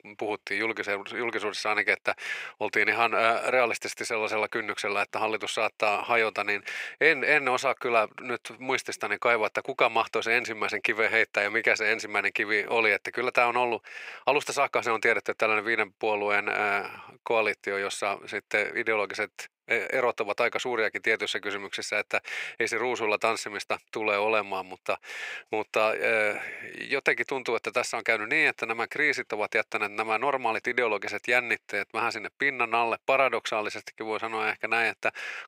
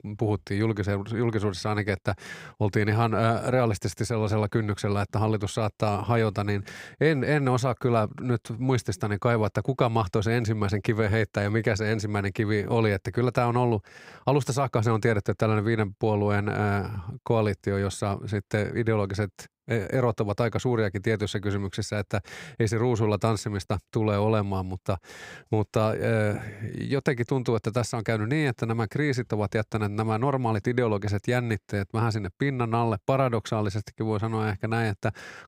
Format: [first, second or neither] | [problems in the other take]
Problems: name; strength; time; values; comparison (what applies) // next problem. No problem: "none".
second | thin; very; fading below 550 Hz